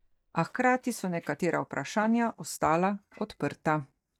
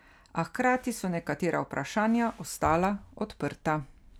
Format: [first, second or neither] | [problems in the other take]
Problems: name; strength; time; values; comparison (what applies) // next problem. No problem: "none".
second | noise reduction (neural mask model DeepFilterNet 3)